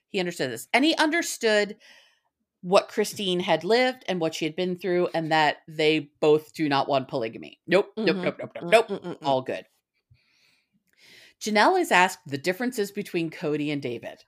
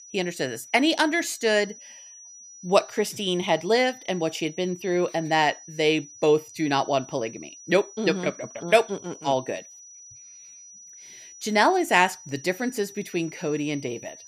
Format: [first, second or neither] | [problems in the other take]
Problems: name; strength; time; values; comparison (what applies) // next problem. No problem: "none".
first | high-pitched whine; noticeable; throughout; 6 kHz, 20 dB below the speech